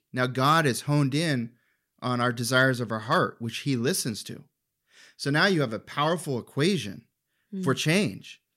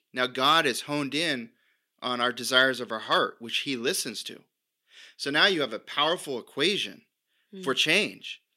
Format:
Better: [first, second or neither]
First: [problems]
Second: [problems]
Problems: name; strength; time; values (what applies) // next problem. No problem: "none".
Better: first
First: none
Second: thin; somewhat; fading below 350 Hz